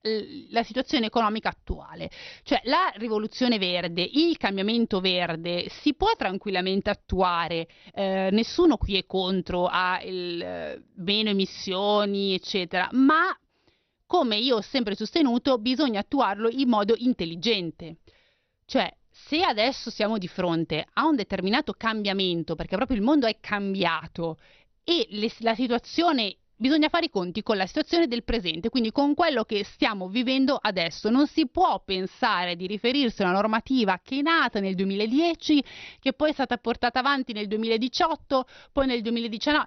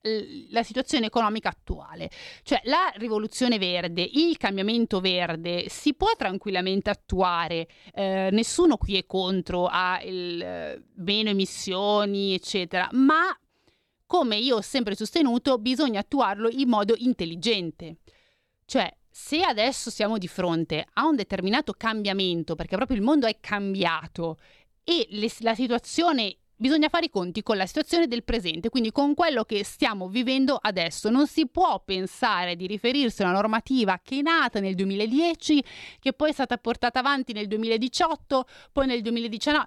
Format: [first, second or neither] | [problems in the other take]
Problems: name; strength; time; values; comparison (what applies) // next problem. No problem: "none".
second | garbled, watery; slightly; nothing above 5 kHz